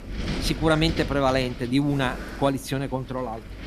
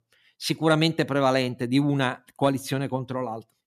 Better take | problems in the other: second | wind noise on the microphone; occasional gusts; 10 dB below the speech

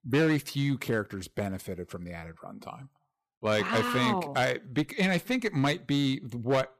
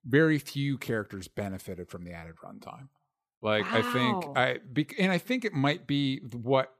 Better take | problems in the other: second | distortion; slight; 7% of the sound clipped

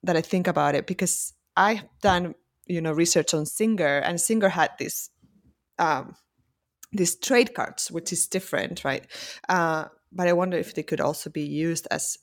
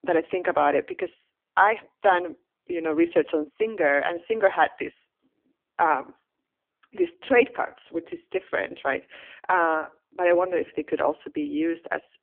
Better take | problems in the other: first | phone-call audio; poor line; nothing above 3.5 kHz

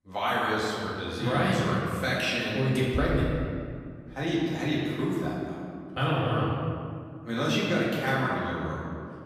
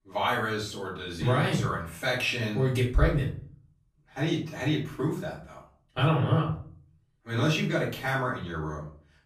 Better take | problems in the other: second | room echo; strong; dies away in 2 s; slight in the second // off-mic speech; far; far in the second

